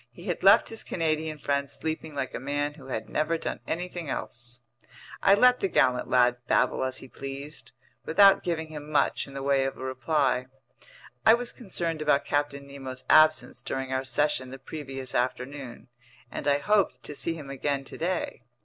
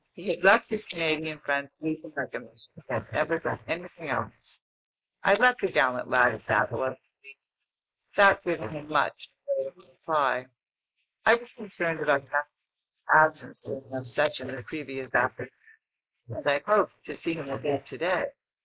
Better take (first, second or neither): first